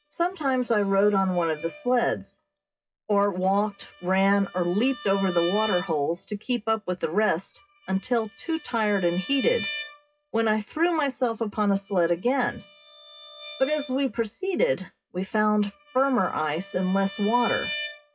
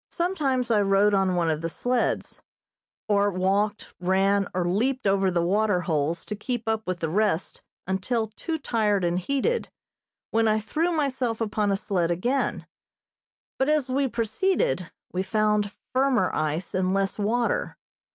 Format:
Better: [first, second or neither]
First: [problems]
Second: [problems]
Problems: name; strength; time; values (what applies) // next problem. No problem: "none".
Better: second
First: noise reduction (classical method WPE with log-MMSE)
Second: none